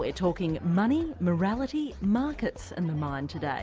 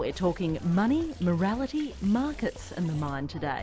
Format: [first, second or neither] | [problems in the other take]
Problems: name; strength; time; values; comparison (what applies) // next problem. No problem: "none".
first | background sound (Liquid); 20 dB below the speech